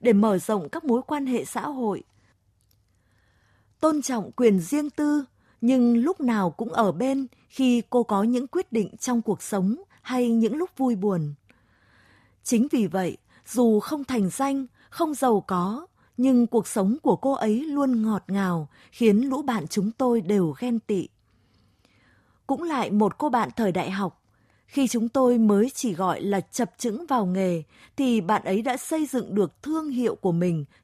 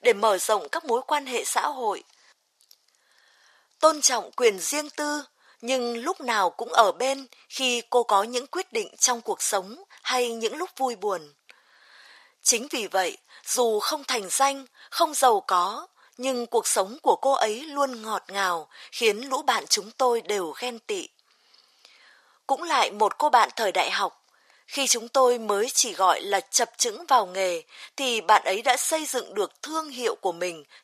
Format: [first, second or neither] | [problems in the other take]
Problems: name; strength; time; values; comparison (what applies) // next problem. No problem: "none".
first | thin; very; fading below 550 Hz